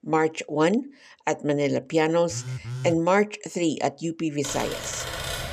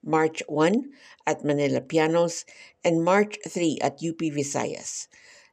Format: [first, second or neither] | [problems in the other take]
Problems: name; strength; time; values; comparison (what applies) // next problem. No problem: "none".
second | phone ringing; noticeable; at 2.5 s; peak 8 dB below the speech // keyboard typing; noticeable; from 4.5 s on; peak 5 dB below the speech